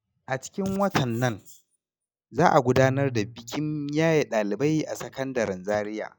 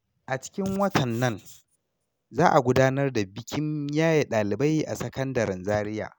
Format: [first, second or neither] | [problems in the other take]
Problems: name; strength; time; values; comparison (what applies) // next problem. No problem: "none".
second | noise reduction (classical method log-MMSE)